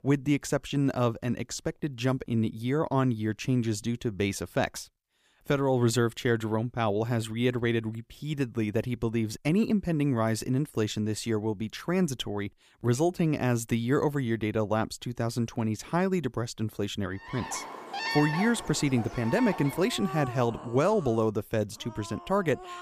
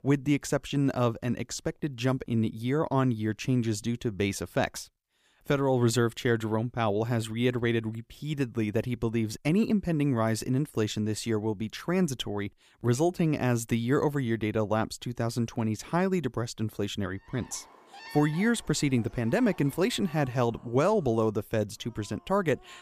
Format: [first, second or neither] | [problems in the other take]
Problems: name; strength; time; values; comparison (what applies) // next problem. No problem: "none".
second | animal sounds; loud; from 17 s on; 9 dB below the speech; faint in the second